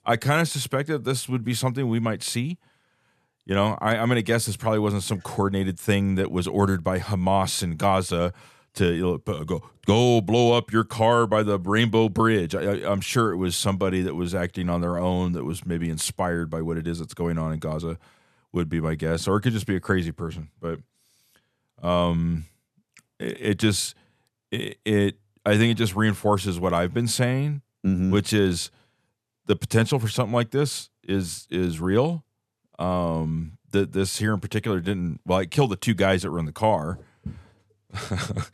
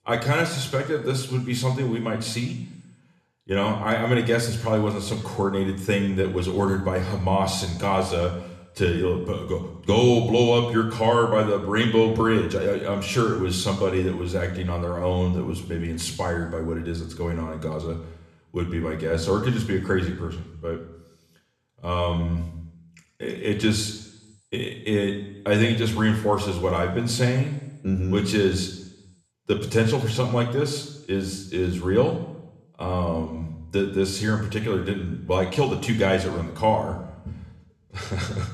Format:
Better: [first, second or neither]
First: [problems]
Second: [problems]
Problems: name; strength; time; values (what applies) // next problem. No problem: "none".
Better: first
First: none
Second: room echo; slight; dies away in 0.8 s